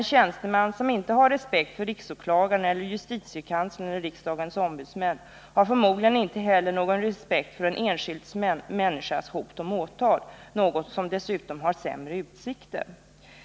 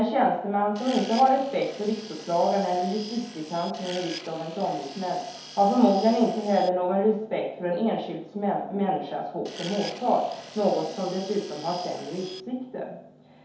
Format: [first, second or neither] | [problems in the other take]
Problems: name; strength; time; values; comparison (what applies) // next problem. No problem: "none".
first | background sound (Tools); 16 dB below the speech // room echo; dies away in 0.8 s